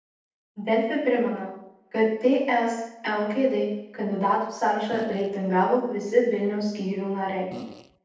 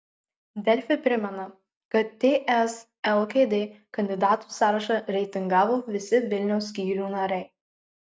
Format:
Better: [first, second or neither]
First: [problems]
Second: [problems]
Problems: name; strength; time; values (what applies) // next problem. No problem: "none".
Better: second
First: noise reduction (neural separator model SepFormer DNS4)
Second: none